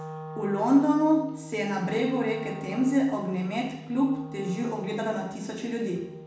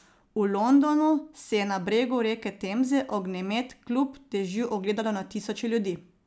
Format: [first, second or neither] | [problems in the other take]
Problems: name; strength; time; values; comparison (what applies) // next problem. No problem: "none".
second | background sound (Wind instrument, woodwind instrument); 14 dB below the speech // room echo; dies away in 0.9 s